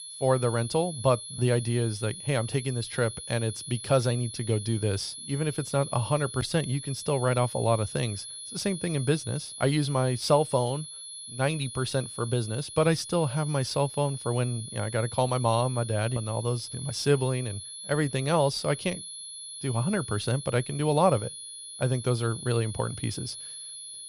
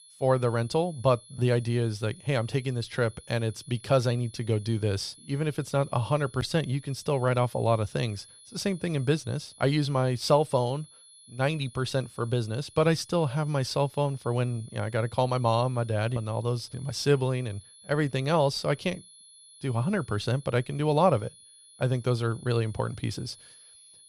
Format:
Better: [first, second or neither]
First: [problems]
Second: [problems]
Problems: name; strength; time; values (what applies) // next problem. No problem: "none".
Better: second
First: high-pitched whine; loud; throughout; 10.5 kHz, 10 dB below the speech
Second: high-pitched whine; faint; throughout; 10.5 kHz, 20 dB below the speech